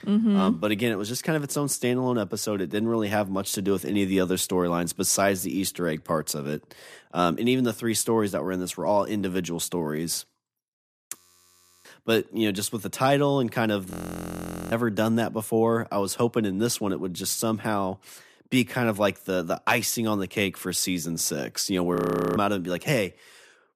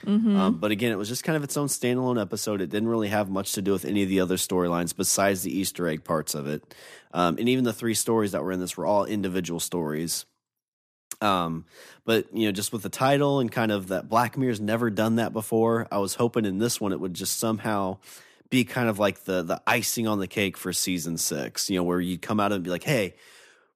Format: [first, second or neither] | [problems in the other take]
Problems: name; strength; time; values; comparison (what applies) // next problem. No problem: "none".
second | audio freezing; at 11 s for 0.5 s, at 14 s for 1 s and at 22 s